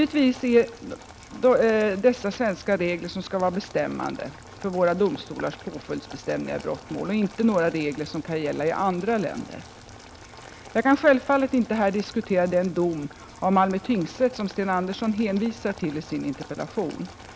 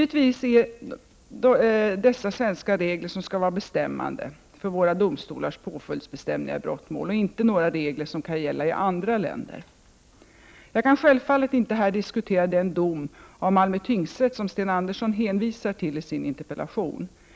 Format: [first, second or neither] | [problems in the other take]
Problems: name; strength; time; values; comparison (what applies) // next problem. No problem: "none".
second | background sound (Engine + Boiling); 19 dB below the speech